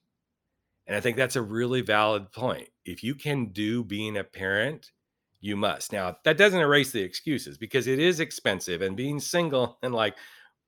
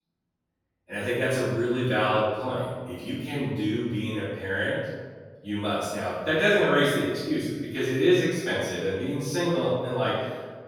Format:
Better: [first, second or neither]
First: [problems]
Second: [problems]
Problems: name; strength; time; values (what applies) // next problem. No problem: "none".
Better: first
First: none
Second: off-mic speech; far // room echo; strong; dies away in 1.4 s